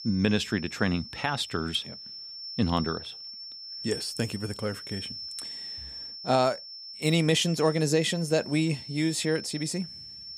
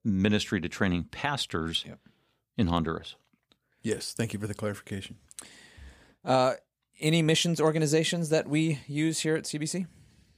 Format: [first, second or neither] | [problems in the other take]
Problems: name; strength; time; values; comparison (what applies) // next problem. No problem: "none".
second | high-pitched whine; noticeable; throughout; 5.5 kHz, 10 dB below the speech